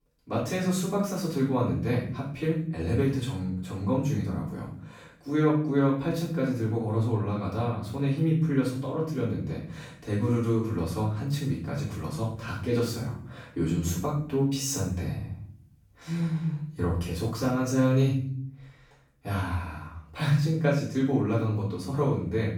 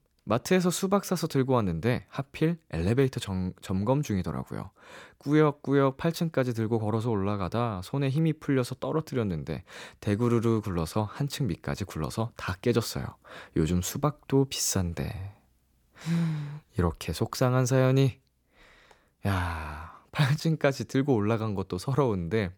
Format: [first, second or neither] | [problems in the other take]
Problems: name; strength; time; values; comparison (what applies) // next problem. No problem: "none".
second | off-mic speech; far // room echo; noticeable; dies away in 0.6 s